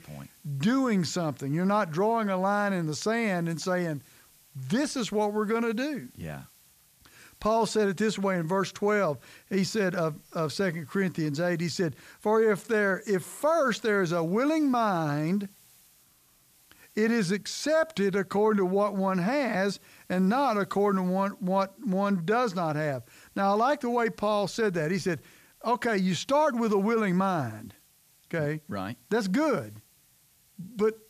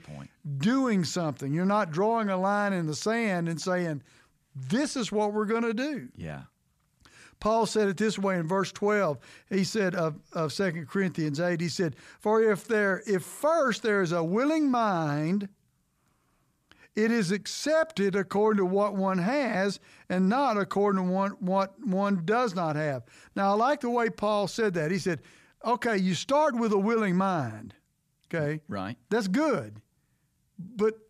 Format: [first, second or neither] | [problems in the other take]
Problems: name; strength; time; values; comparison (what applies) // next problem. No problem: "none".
second | hiss; faint; throughout; 30 dB below the speech